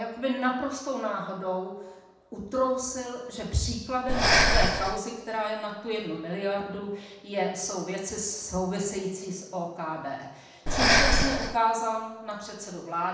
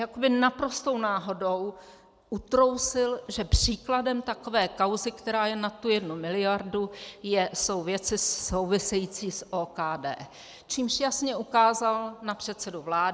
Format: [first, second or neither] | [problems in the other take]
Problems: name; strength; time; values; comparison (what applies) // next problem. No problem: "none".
second | background sound (Breathing); 5 dB above the speech // room echo; dies away in 0.8 s